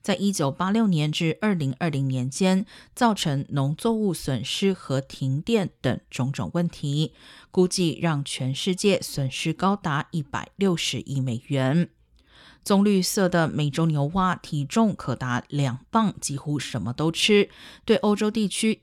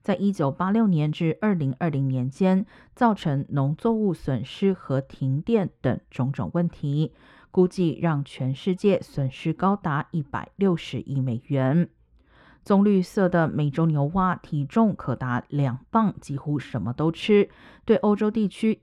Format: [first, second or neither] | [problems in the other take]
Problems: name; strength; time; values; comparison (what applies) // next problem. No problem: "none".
first | muffled; very; fading above 3 kHz